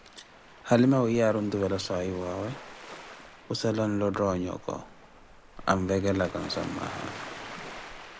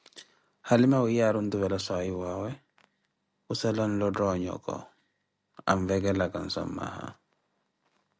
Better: second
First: background sound (Waves, surf); 15 dB below the speech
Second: none

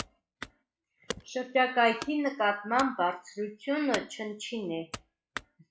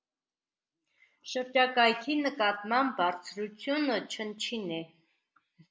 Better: second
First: noise reduction (classical method WPE with log-MMSE)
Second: none

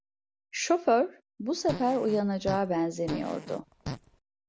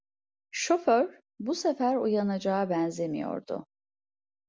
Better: second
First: background sound (Fart); 10 dB below the speech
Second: none

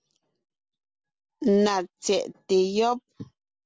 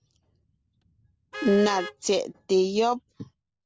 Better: first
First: none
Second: background sound (Vehicle horn, car horn, honking); 16 dB below the speech

